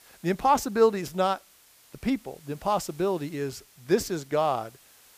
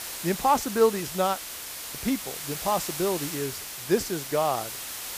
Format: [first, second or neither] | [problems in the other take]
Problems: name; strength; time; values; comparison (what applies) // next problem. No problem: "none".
first | hiss; loud; throughout; 6 dB below the speech; faint in the first